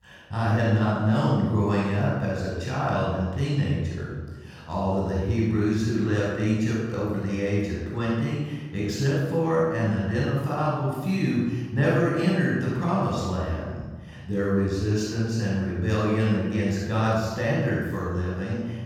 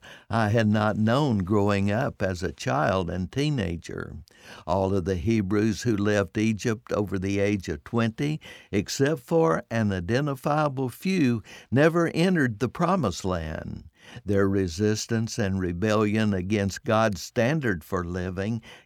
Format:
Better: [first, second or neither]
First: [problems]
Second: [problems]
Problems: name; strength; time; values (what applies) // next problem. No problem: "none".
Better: second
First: off-mic speech; far // room echo; strong; dies away in 1.1 s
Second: none